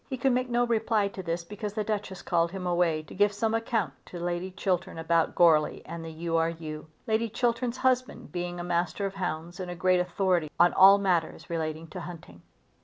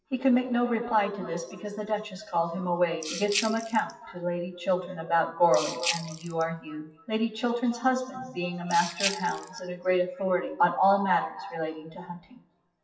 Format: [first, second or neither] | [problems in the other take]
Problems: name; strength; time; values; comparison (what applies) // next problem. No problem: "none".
first | noise reduction (classical method WPE with log-MMSE)